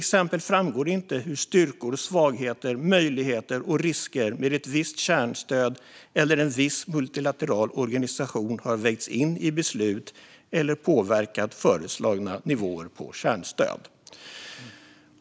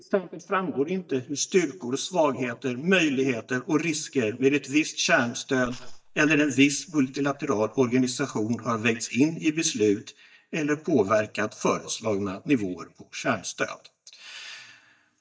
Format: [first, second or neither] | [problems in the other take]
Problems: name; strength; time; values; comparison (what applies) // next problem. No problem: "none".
first | noise reduction (neural mask model DeepFilterNet 3)